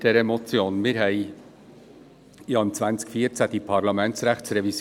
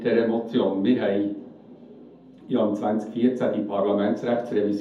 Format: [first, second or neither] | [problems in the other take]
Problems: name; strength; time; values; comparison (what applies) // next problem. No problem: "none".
first | room echo; dies away in 0.5 s